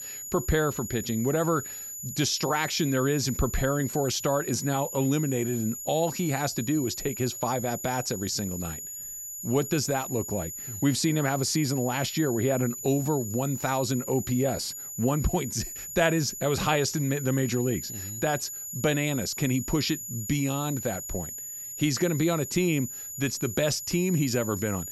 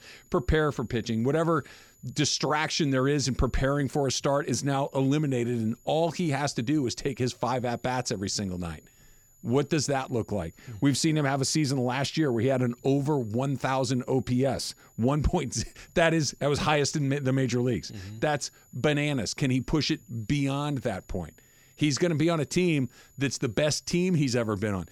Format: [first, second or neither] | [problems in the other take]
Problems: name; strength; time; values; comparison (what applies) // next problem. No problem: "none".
second | high-pitched whine; loud; throughout; 7 kHz, 7 dB below the speech; faint in the second